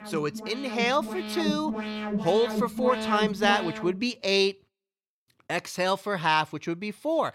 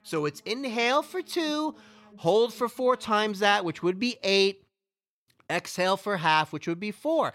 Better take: second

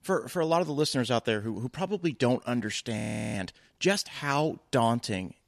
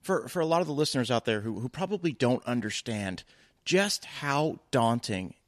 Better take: second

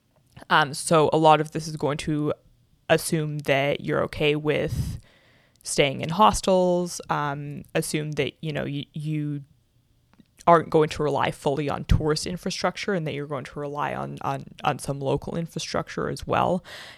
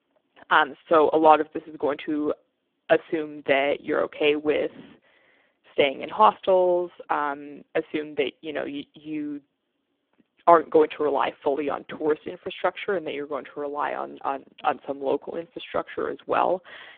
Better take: first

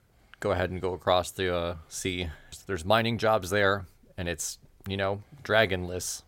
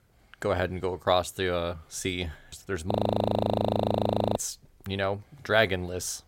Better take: first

